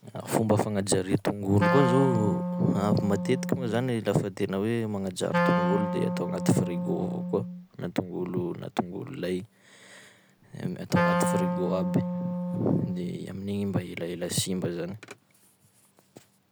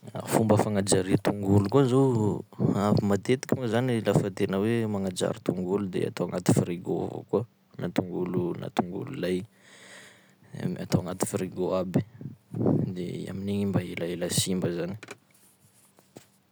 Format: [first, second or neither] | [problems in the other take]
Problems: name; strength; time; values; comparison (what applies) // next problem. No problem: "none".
second | background sound (Wind instrument, woodwind instrument); 1 dB below the speech